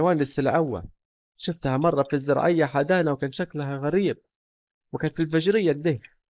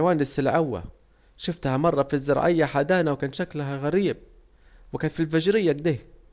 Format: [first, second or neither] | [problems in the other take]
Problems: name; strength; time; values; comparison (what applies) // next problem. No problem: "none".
second | noise reduction (neural mask model Resemble Enhance denoiser)